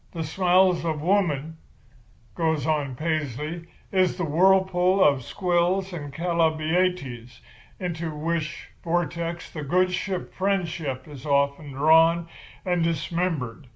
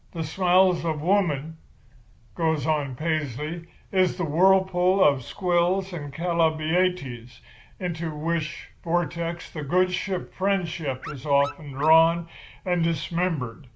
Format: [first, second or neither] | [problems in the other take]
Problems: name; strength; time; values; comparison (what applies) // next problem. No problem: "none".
first | background sound (Dog); 15 dB below the speech